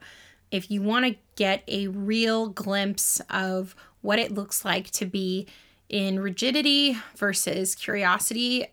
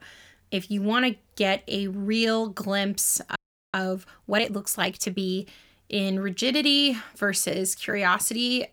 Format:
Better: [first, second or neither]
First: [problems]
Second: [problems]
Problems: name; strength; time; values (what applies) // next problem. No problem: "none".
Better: first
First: none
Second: audio freezing; at 3.5 s